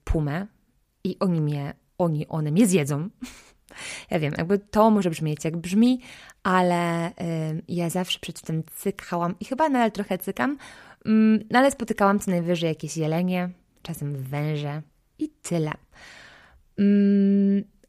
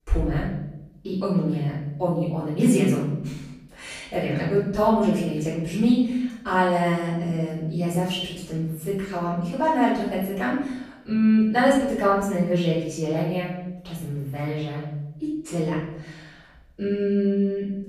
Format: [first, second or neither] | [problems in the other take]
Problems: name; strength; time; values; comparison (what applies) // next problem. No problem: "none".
first | off-mic speech; far // room echo; noticeable; dies away in 0.8 s